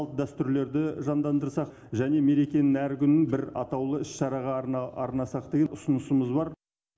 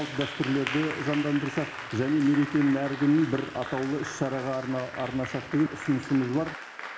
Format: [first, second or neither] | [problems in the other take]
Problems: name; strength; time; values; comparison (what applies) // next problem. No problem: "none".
first | background sound (Applause); 10 dB below the speech